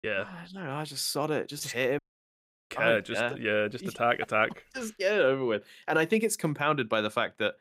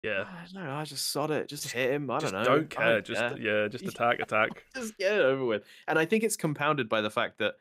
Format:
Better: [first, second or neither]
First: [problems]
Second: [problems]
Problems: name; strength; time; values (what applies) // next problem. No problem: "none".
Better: second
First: audio cutting out; at 2 s for 0.5 s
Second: none